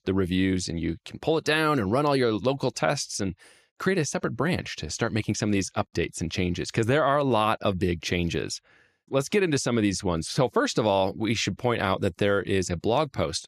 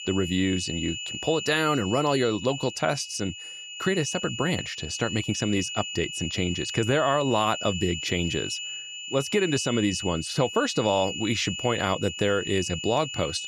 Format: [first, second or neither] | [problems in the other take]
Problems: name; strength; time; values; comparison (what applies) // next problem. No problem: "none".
first | high-pitched whine; loud; throughout; 3 kHz, 6 dB below the speech